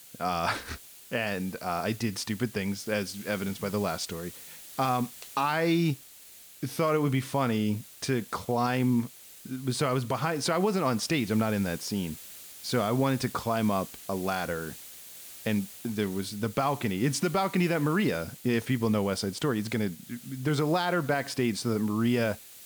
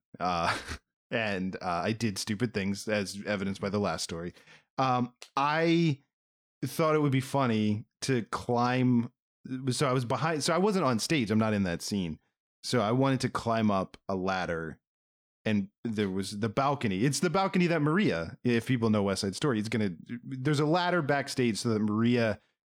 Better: second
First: hiss; noticeable; throughout; 15 dB below the speech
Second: none

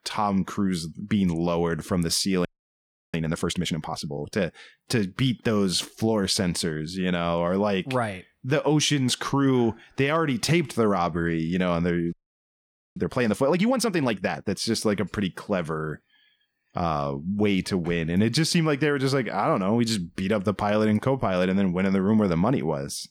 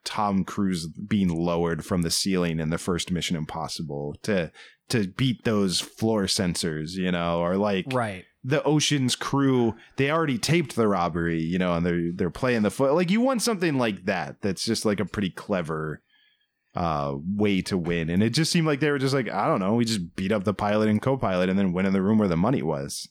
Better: second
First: audio freezing; at 2.5 s for 0.5 s and at 12 s for 1 s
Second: none

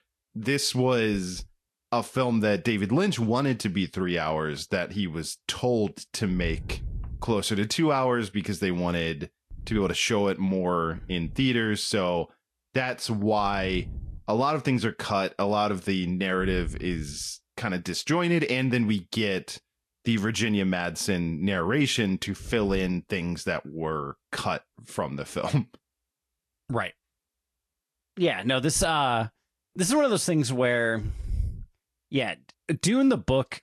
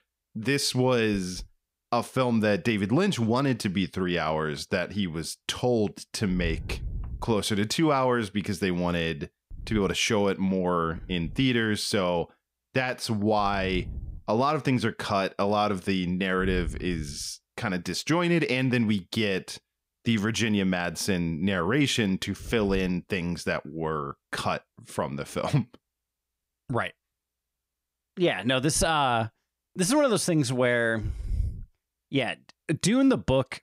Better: second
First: garbled, watery; slightly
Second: none

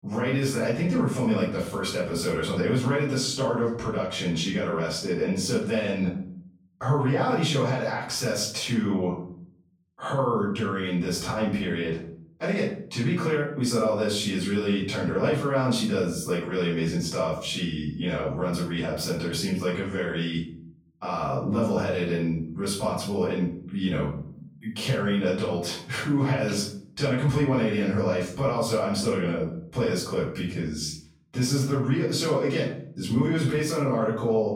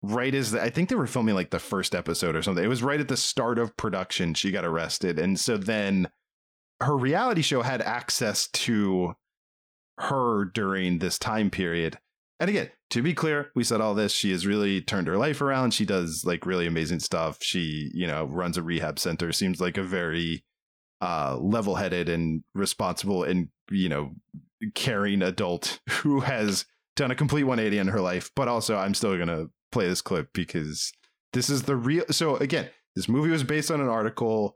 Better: second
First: off-mic speech; far // room echo; noticeable; dies away in 0.5 s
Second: none

